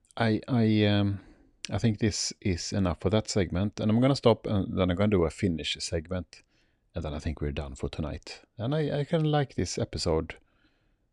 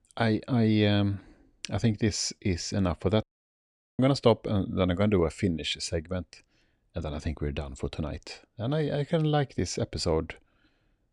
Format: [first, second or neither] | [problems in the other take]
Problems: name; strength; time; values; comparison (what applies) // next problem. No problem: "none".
first | audio cutting out; at 3 s for 1 s